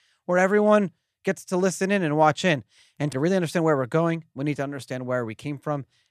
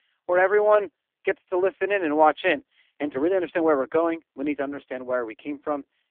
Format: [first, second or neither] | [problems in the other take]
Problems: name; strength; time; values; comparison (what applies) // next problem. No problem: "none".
first | phone-call audio; poor line; nothing above 3.5 kHz